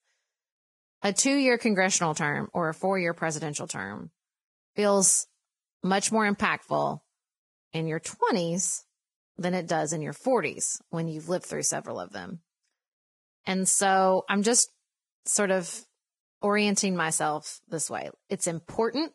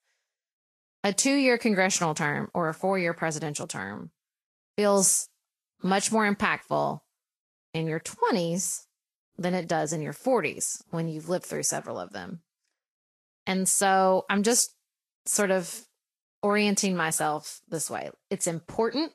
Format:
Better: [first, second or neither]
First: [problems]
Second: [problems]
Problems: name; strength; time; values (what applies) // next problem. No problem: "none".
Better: second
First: garbled, watery; badly; nothing above 10.5 kHz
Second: garbled, watery; slightly; nothing above 11.5 kHz